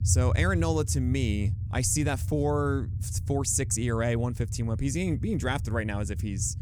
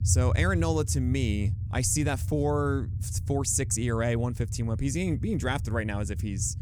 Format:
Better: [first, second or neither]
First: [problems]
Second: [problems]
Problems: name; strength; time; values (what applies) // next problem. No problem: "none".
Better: neither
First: low rumble; noticeable; throughout; 15 dB below the speech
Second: low rumble; noticeable; throughout; 15 dB below the speech